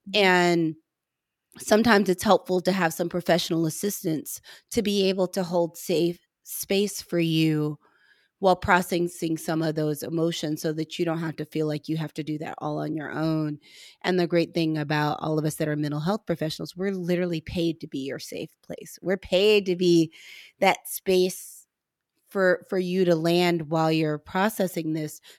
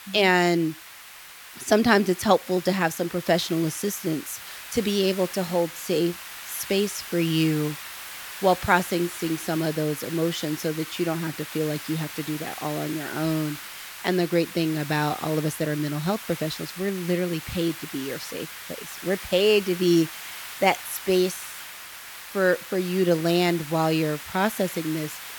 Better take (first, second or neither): first